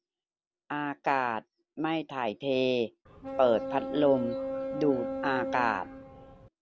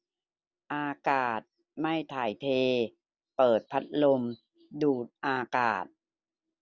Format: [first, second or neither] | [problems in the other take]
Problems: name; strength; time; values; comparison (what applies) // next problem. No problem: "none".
second | background sound (Boat, Water vehicle); 5 dB below the speech